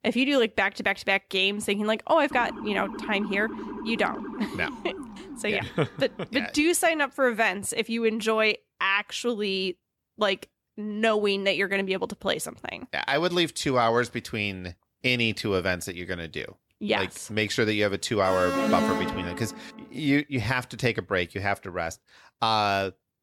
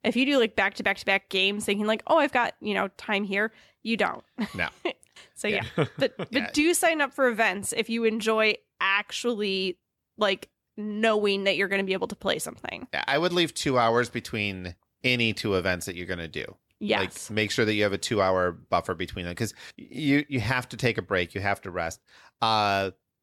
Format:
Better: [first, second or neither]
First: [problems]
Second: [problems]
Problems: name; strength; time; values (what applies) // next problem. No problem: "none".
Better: second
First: siren; noticeable; from 2.5 to 6.5 s; peak 10 dB below the speech // alarm; loud; from 18 to 20 s; peak 1 dB above the speech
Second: none